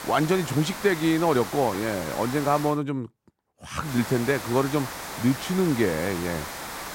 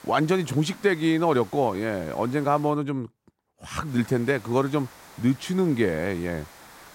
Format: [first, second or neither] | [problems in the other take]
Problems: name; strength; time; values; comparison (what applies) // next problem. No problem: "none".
second | hiss; loud; until 2.5 s and from 4 s on; 9 dB below the speech; faint in the second